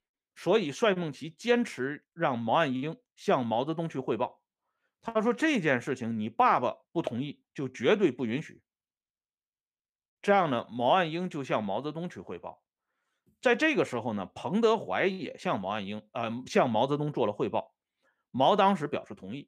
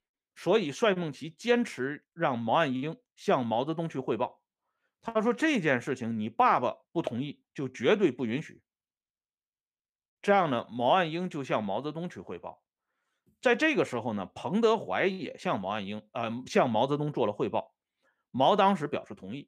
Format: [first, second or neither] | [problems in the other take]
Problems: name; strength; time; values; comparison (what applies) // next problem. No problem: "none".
neither | none